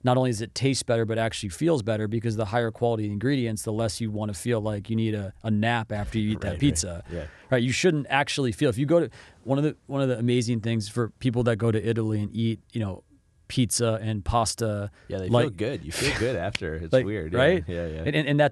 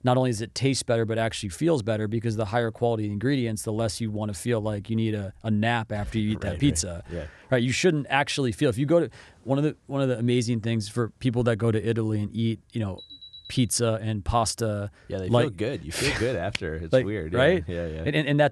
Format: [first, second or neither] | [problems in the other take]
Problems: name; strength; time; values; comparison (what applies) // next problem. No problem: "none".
first | alarm; faint; at 13 s; peak 15 dB below the speech